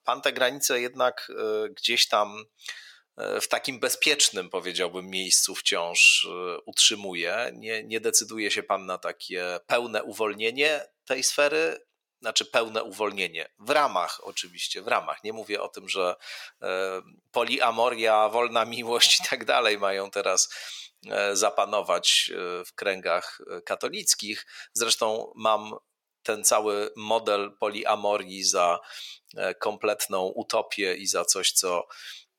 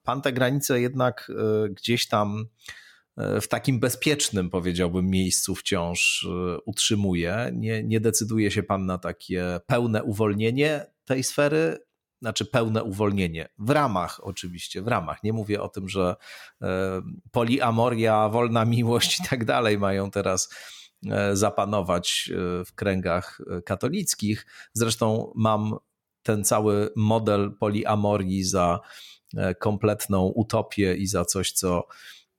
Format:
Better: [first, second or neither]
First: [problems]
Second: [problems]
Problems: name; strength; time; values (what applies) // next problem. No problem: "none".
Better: second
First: thin; very; fading below 550 Hz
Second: none